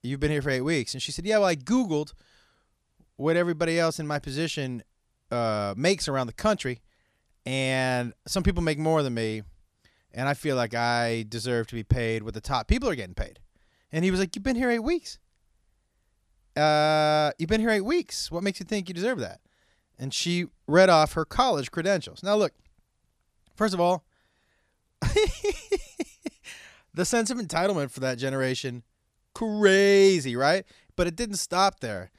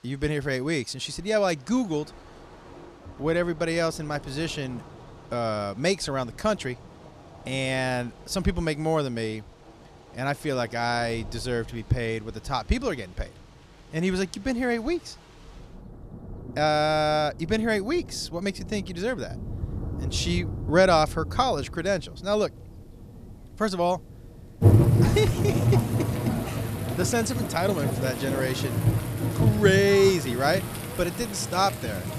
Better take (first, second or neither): first